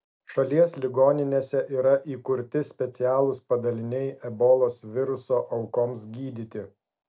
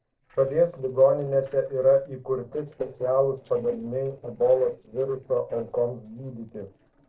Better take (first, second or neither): first